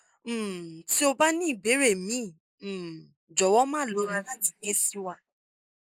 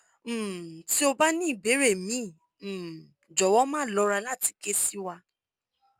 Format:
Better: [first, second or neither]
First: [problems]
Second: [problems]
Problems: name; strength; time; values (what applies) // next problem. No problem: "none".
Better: second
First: noise reduction (neural mask model Resemble Enhance denoiser)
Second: none